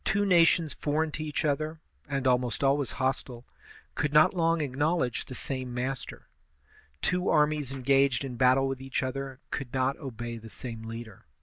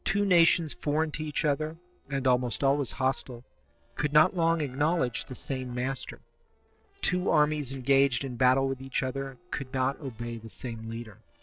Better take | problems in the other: first | noise reduction (neural separator model SepFormer DNS4)

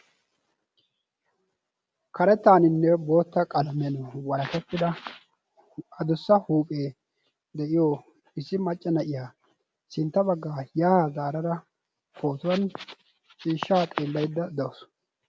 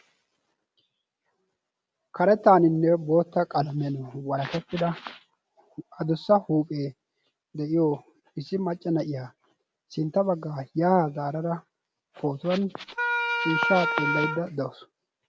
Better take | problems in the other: first | background sound (Wind instrument, woodwind instrument); as loud as the speech

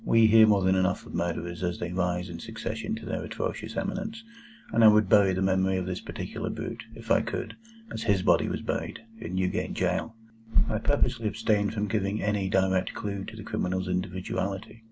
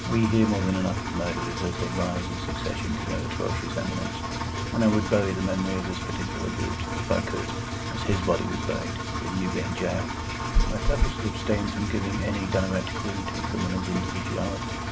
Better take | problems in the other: first | background sound (Engine); 2 dB below the speech

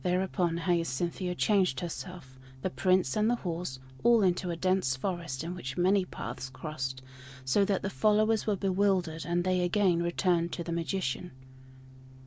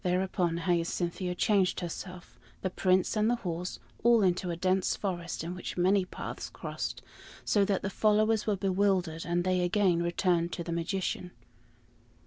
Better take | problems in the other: second | background sound (Organ); 19 dB below the speech

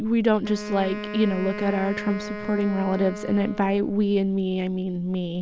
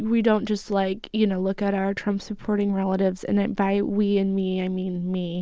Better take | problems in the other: second | background sound (Wind instrument, woodwind instrument); 12 dB below the speech

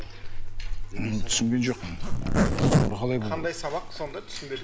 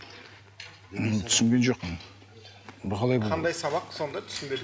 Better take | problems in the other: second | background sound (Zipper (clothing)); 4 dB above the speech

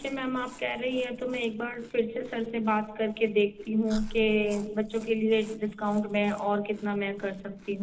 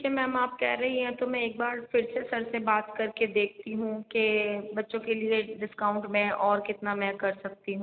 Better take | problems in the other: second | background sound (Chewing, mastication); 18 dB below the speech // room echo; dies away in 0.4 s

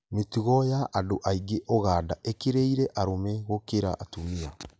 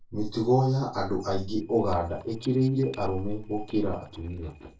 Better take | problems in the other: first | noise reduction (neural separator model SepFormer DNS4)

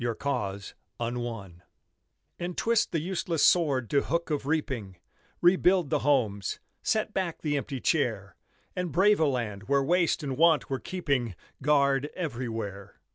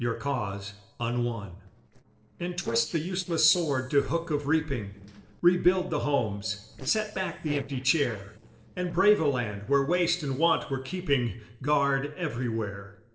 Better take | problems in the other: first | noise reduction (neural separator model SepFormer DNS4)

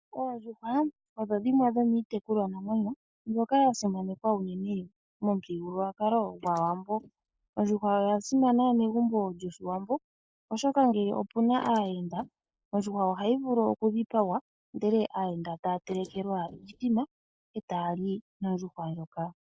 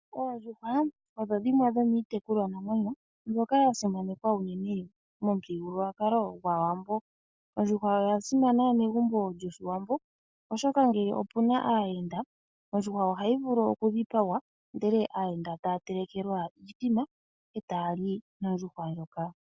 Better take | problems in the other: second | noise reduction (neural mask model Resemble Enhance denoiser)

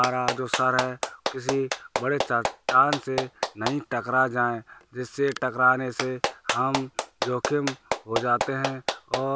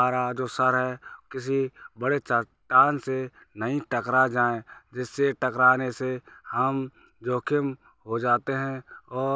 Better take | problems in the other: second | background sound (Clapping); 5 dB below the speech

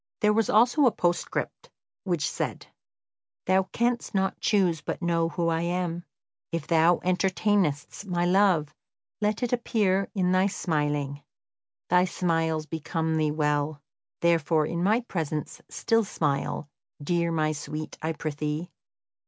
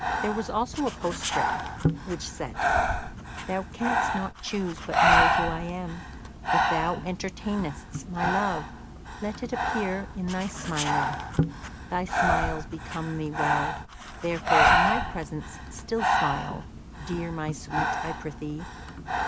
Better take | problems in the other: first | background sound (Breathing); 5 dB above the speech

